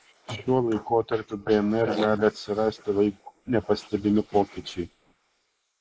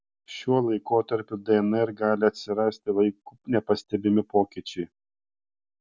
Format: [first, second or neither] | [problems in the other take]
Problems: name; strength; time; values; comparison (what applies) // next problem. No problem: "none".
second | noise reduction (neural mask model Resemble Enhance denoiser)